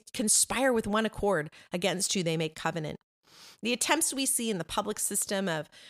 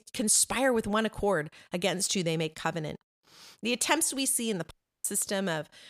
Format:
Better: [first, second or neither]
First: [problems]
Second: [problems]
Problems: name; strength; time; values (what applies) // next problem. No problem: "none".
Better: first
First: none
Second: audio cutting out; at 4.5 s